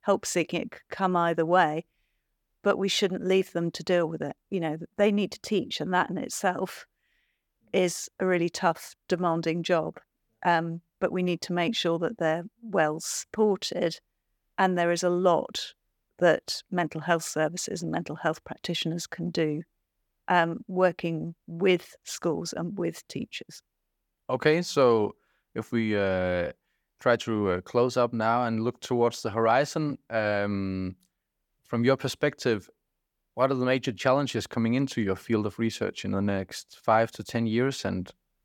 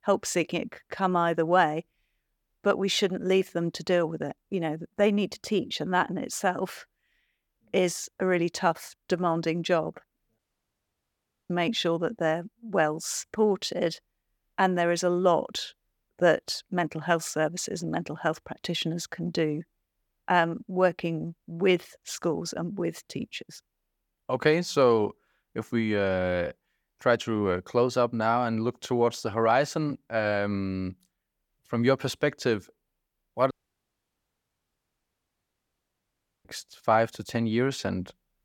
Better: first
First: none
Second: audio cutting out; at 10 s for 1 s and at 34 s for 3 s

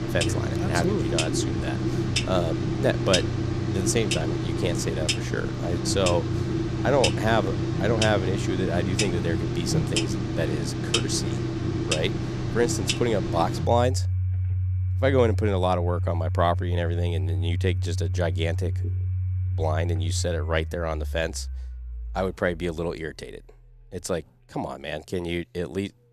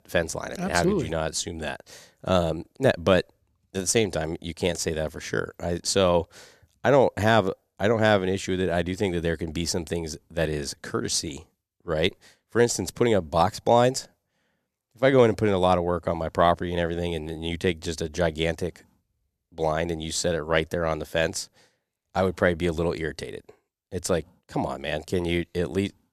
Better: second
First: household noises; very loud; throughout; 1 dB above the speech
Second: none

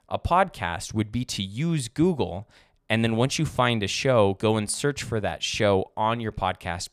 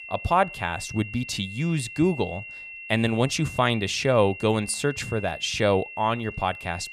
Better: first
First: none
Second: high-pitched whine; noticeable; throughout; 2.5 kHz, 10 dB below the speech

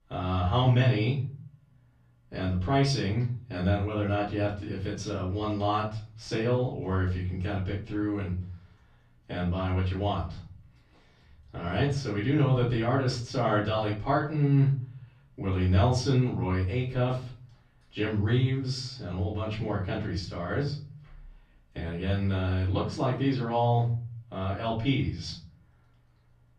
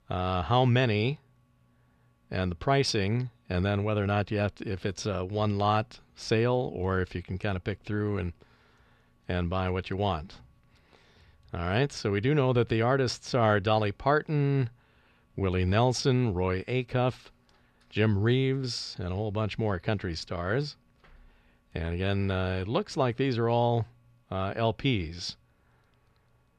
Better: second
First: off-mic speech; far // room echo; slight; dies away in 0.4 s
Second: none

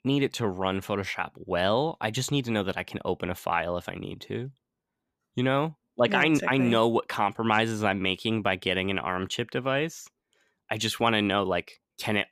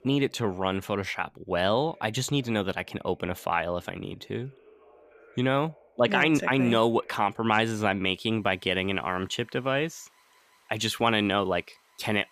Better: first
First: none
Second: alarms or sirens; faint; throughout; 30 dB below the speech

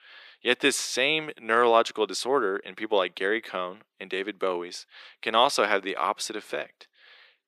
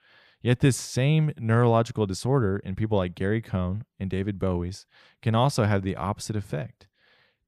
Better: second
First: thin; very; fading below 350 Hz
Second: none

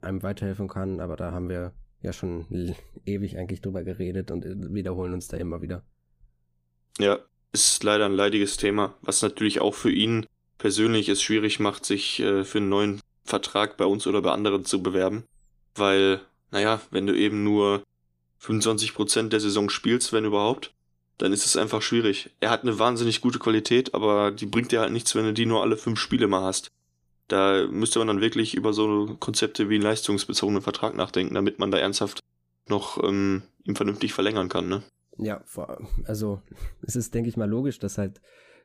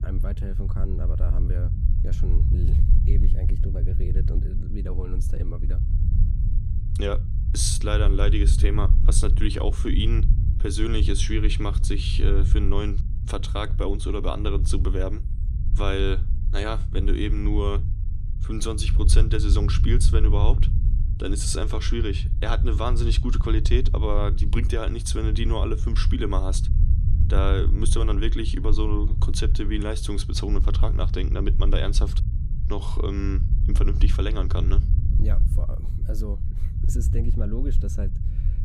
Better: first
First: none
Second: low rumble; noticeable; throughout; 10 dB below the speech

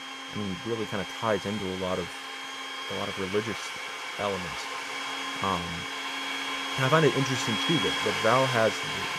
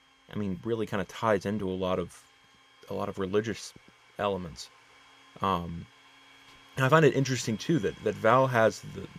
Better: second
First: household noises; loud; throughout; 2 dB below the speech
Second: household noises; faint; throughout; 25 dB below the speech

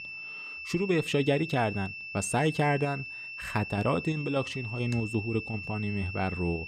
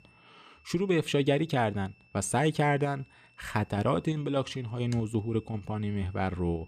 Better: second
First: high-pitched whine; loud; throughout; 2.5 kHz, 8 dB below the speech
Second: high-pitched whine; faint; throughout; 2.5 kHz, 30 dB below the speech

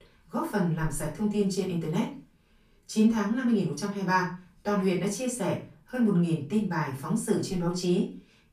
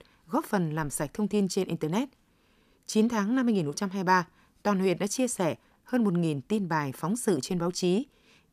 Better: second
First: off-mic speech; far // room echo; slight; dies away in 0.3 s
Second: none

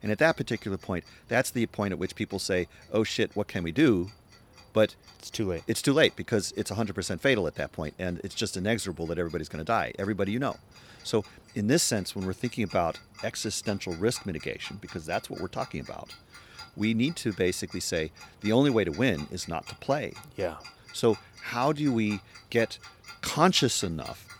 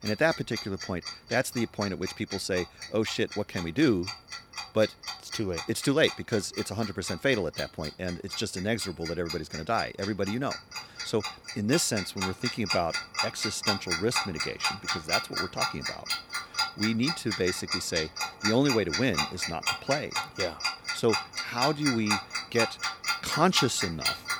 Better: first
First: household noises; faint; throughout; 20 dB below the speech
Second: household noises; loud; throughout; 3 dB below the speech

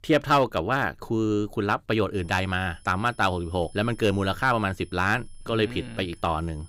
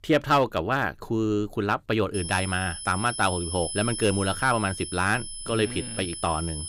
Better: first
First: high-pitched whine; faint; from 2 s on; 10 kHz, 30 dB below the speech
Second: high-pitched whine; loud; from 2 s on; 10 kHz, 7 dB below the speech

